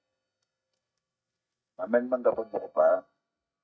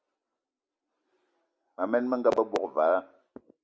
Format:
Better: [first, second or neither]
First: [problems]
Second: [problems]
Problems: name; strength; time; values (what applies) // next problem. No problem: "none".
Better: second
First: noise reduction (neural mask model DeepFilterNet 3)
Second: none